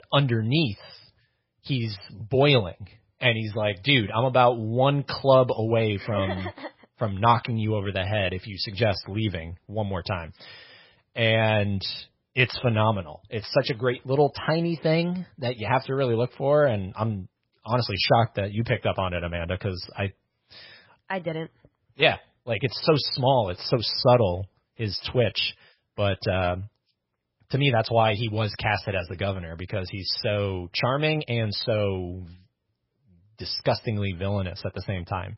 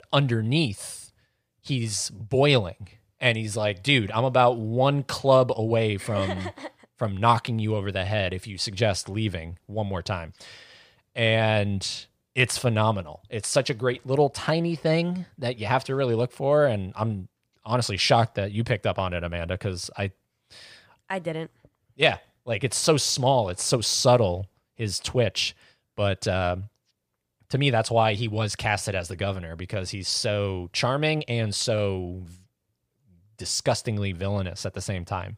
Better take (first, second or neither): second